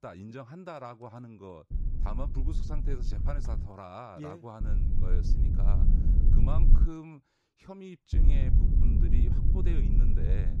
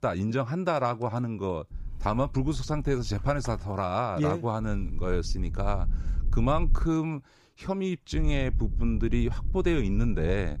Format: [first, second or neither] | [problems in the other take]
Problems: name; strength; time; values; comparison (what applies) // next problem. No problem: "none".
second | low rumble; loud; from 1.5 to 3.5 s, from 4.5 to 7 s and from 8 s on; 1 dB below the speech; faint in the second